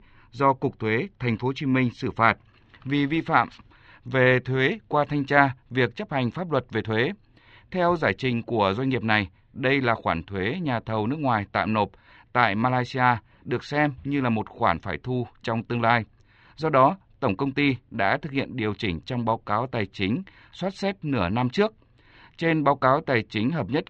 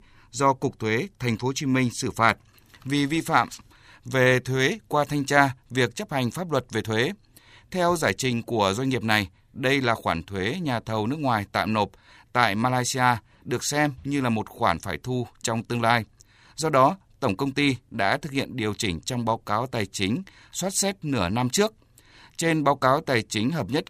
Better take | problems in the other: second | muffled; slightly; fading above 3.5 kHz

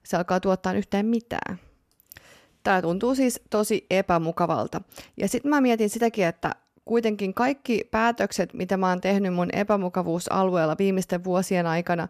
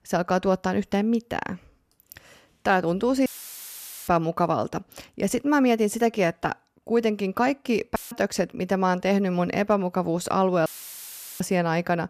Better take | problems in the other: first | audio cutting out; filled with static; at 3.5 s for 1 s, at 8 s and at 11 s for 0.5 s

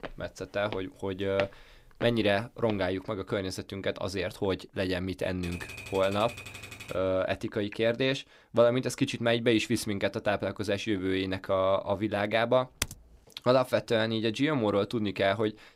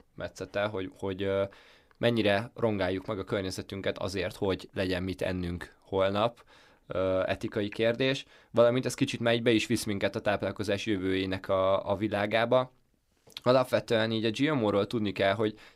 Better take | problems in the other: second | footsteps; noticeable; until 2.5 s; peak 8 dB below the speech // keyboard typing; faint; from 5.5 to 7 s; peak 10 dB below the speech // keyboard typing; noticeable; at 13 s; peak 6 dB below the speech

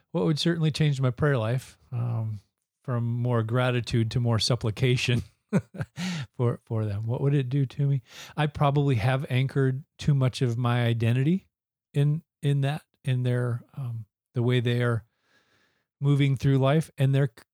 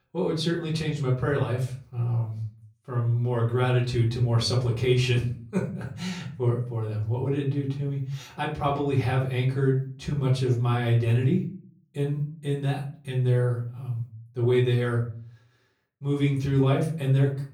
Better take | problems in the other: first | room echo; slight; dies away in 0.4 s // off-mic speech; far

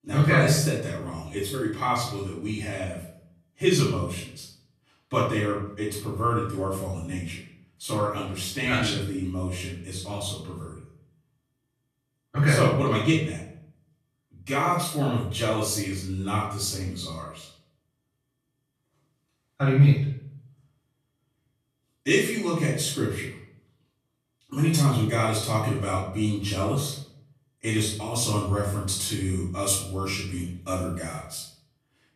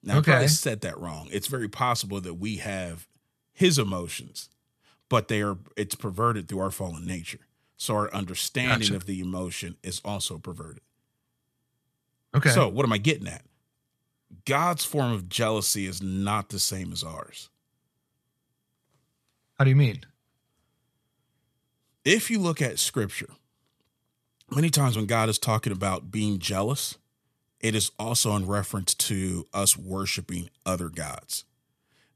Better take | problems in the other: second | off-mic speech; far // room echo; noticeable; dies away in 0.6 s

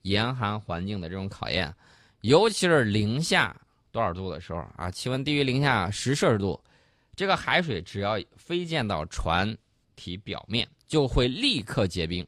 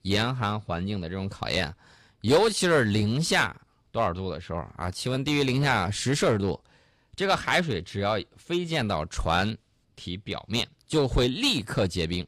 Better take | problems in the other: first | distortion; slight; 3% of the sound clipped

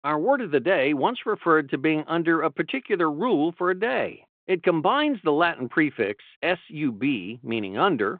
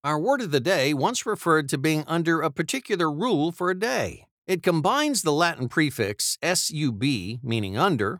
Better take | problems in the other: second | phone-call audio

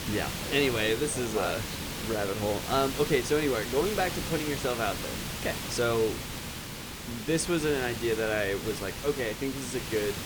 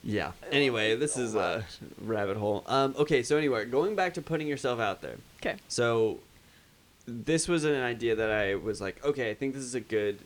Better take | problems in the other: second | hiss; loud; throughout; 5 dB below the speech; faint in the second

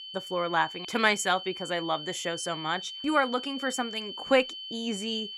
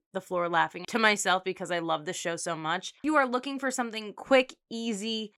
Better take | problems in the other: second | high-pitched whine; loud; throughout; 3 kHz, 9 dB below the speech

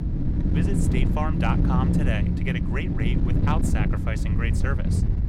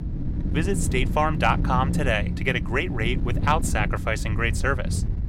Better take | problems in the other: second | wind noise on the microphone; heavy; 1 dB below the speech; occasional gusts in the second

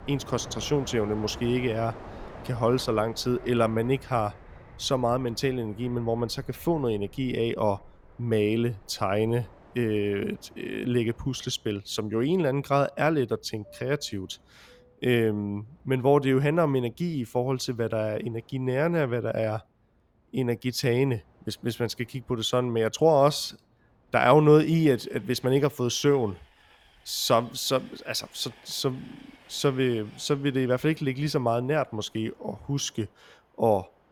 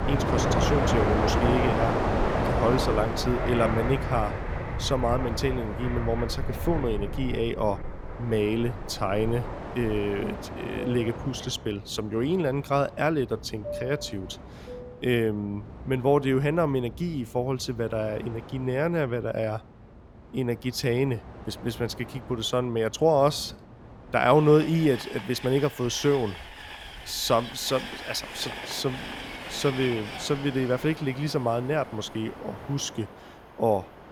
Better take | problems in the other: first | train or aircraft noise; loud; throughout; 5 dB below the speech; faint in the first

